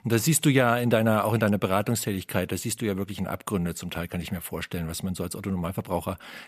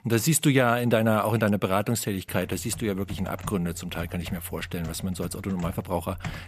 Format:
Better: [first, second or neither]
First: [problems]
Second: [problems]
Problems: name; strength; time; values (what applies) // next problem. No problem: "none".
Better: first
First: none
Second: keyboard typing; faint; from 2.5 s on; peak 10 dB below the speech